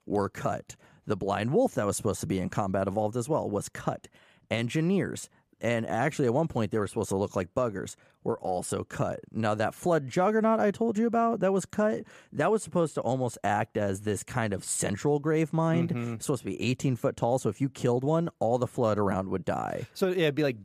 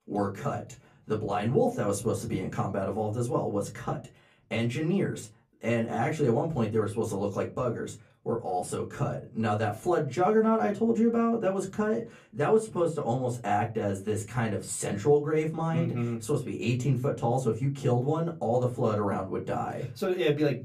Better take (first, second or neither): first